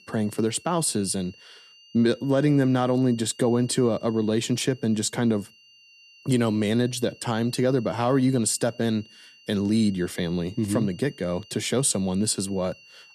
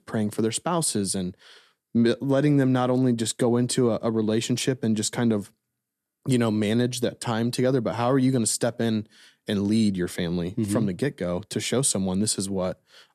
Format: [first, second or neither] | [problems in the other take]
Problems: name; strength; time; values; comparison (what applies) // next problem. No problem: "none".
second | high-pitched whine; faint; throughout; 3 kHz, 25 dB below the speech